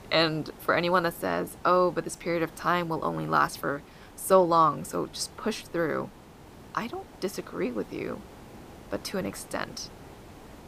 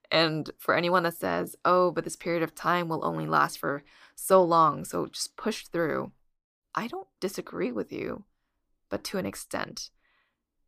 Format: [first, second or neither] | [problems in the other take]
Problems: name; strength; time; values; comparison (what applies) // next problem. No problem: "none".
second | hiss; faint; throughout; 20 dB below the speech